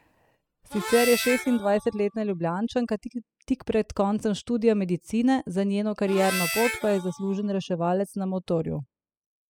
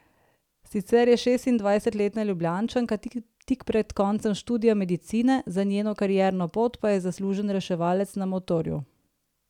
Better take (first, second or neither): second